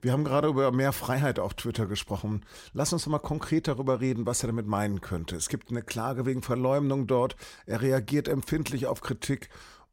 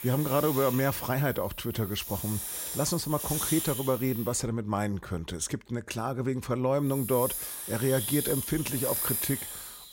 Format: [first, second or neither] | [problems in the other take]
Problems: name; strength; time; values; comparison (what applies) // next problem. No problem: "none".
first | hiss; loud; until 4.5 s and from 7 s on; 3 dB below the speech